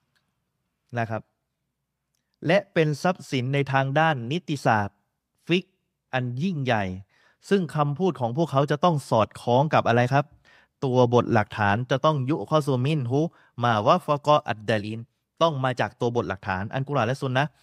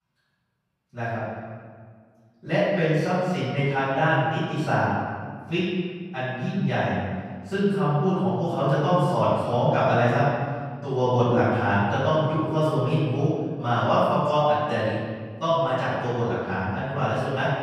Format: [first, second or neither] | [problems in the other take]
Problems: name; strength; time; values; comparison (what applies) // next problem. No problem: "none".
first | room echo; strong; dies away in 1.7 s // off-mic speech; far